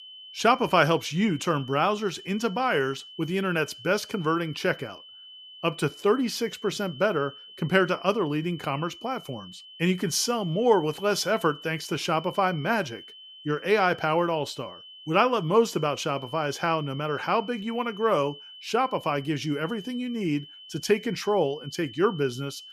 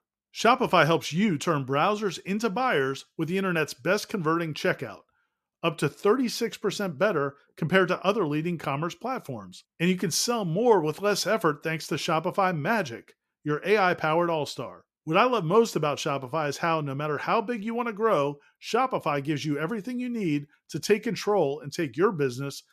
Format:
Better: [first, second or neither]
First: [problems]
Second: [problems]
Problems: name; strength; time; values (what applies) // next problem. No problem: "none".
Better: second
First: high-pitched whine; noticeable; throughout; 3 kHz, 15 dB below the speech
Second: none